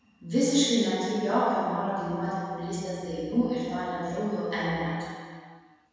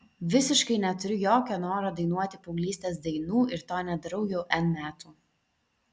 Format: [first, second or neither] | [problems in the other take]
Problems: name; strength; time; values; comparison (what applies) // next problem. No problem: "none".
second | room echo; dies away in 1.9 s